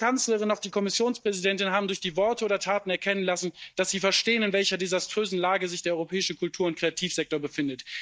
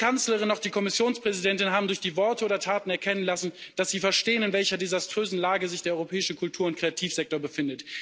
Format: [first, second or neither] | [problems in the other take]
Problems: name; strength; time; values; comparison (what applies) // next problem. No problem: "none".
second | noise reduction (neural mask model DeepFilterNet 3)